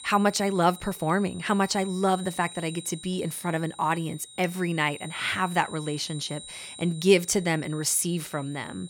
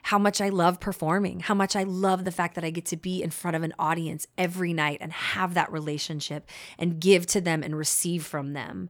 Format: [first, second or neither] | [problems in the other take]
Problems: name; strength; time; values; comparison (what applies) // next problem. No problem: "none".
second | high-pitched whine; noticeable; throughout; 4 kHz, 15 dB below the speech